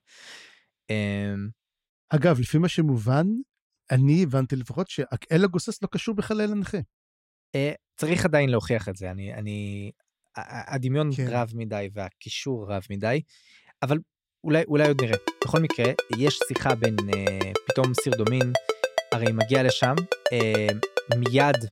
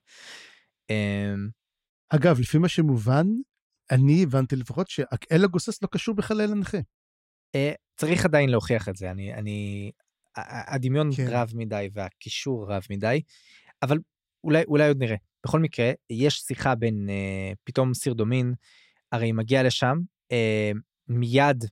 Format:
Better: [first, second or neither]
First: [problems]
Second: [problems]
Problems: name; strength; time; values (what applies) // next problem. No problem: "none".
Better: second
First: phone ringing; noticeable; from 15 s on; peak 1 dB below the speech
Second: none